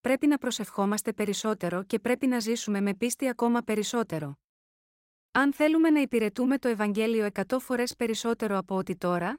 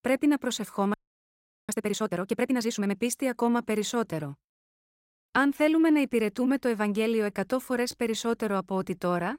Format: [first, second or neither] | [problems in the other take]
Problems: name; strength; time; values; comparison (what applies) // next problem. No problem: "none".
first | audio freezing; at 1 s for 1 s